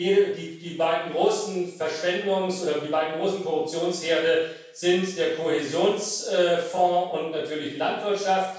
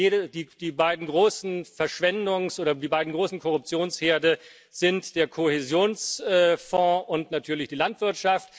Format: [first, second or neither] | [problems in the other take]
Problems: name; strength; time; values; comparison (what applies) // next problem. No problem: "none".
second | room echo; dies away in 0.7 s